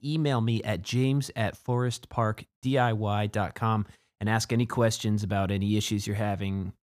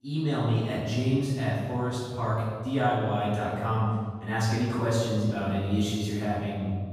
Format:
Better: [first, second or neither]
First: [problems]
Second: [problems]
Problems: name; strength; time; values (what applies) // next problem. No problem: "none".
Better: first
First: none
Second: off-mic speech; far // room echo; strong; dies away in 1.6 s